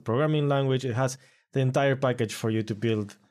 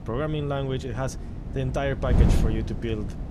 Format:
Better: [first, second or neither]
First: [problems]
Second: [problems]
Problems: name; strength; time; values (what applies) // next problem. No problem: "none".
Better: first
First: none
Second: wind noise on the microphone; heavy; 7 dB below the speech